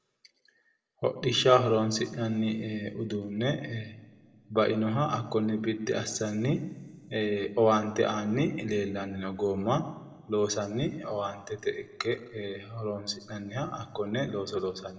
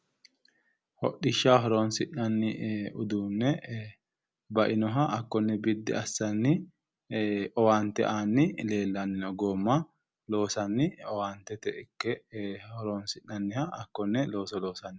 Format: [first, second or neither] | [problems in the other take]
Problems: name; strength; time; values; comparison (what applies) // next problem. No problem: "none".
second | room echo; dies away in 0.9 s